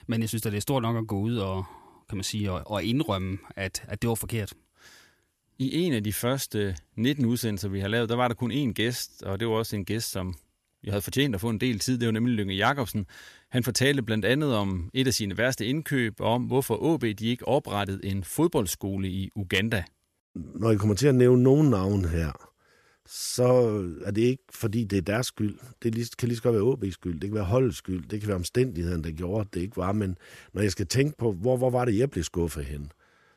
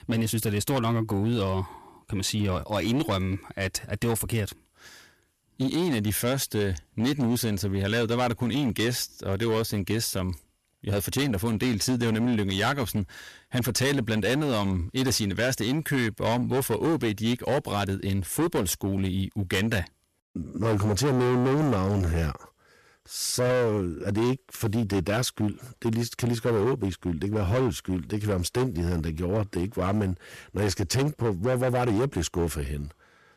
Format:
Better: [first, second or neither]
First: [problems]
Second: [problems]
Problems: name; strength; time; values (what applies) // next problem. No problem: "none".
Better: first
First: none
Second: distortion; heavy; 15% of the sound clipped